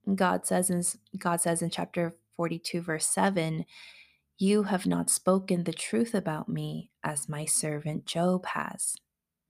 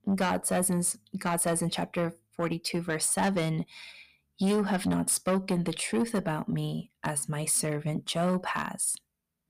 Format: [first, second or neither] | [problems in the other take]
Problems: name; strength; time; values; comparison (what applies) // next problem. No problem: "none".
first | distortion; slight; 10 dB below the speech